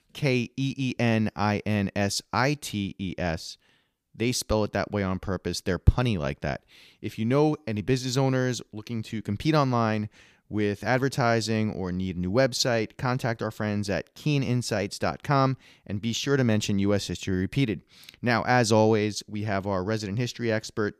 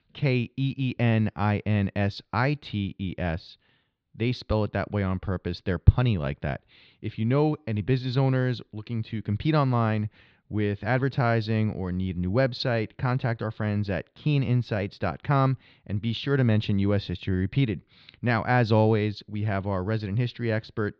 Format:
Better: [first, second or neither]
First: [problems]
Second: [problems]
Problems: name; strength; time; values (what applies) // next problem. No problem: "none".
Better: first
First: none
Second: muffled; slightly; fading above 4 kHz